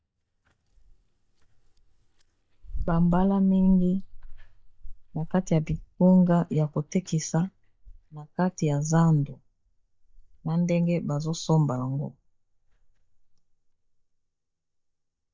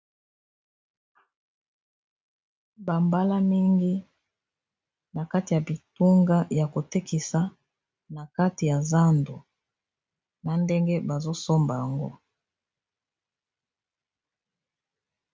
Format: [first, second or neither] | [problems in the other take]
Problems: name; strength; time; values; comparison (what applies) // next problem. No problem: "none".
second | noise reduction (neural mask model DeepFilterNet 3)